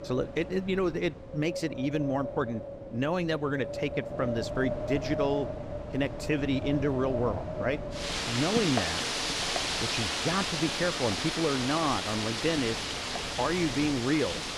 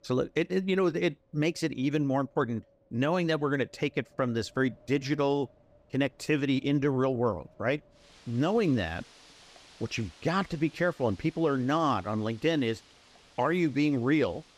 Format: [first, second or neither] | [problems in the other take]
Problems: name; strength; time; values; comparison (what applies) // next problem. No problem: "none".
second | wind in the background; loud; throughout; 2 dB below the speech; faint in the second